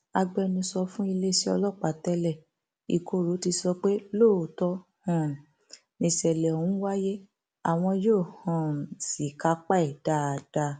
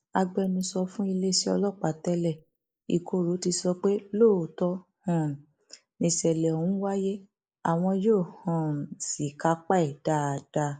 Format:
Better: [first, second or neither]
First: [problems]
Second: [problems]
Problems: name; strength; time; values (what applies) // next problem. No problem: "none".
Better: first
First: none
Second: noise reduction (neural mask model Resemble Enhance denoiser)